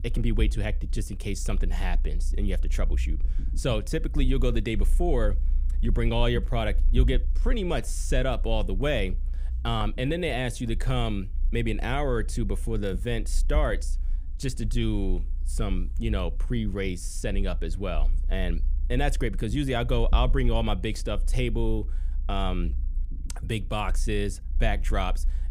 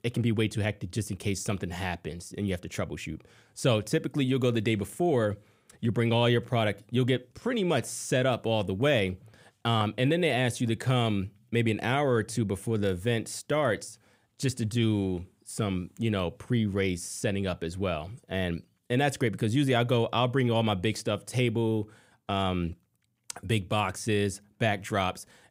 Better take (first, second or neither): second